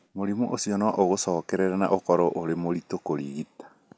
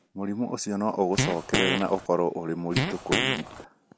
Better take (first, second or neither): first